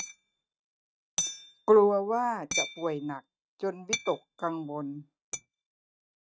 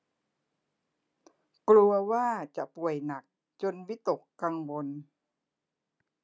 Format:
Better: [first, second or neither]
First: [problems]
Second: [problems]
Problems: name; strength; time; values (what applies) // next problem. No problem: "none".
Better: second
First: noise reduction (neural mask model RNNoise)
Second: none